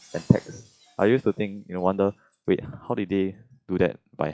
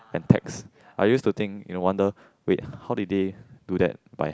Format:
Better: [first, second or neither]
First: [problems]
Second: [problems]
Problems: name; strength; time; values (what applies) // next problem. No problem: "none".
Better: second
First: noise reduction (classical method log-MMSE)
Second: none